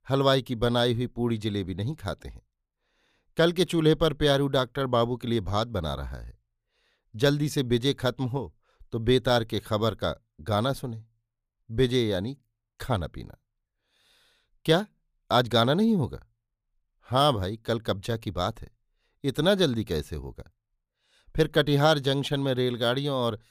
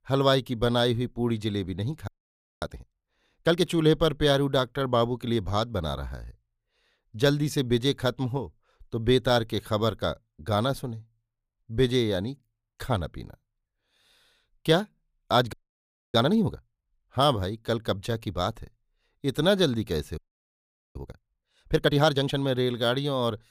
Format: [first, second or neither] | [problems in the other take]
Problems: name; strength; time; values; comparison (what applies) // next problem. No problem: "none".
first | audio freezing; at 2 s for 0.5 s, at 16 s for 0.5 s and at 20 s for 1 s